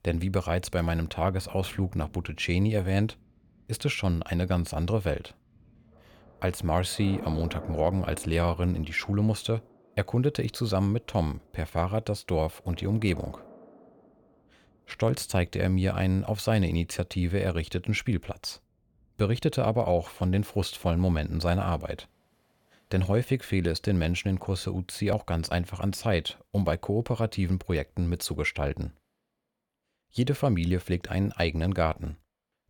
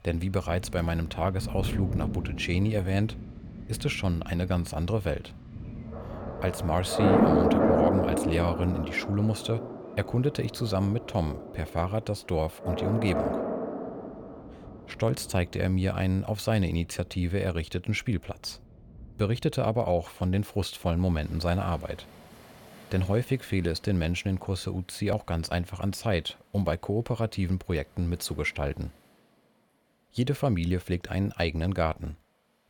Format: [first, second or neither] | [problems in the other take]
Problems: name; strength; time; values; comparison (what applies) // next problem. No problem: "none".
first | rain or running water; loud; throughout; 2 dB below the speech; faint in the first